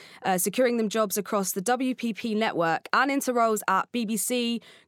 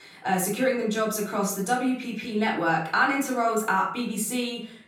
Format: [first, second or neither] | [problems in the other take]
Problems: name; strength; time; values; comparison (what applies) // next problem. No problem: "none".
first | off-mic speech; far // room echo; slight; dies away in 0.5 s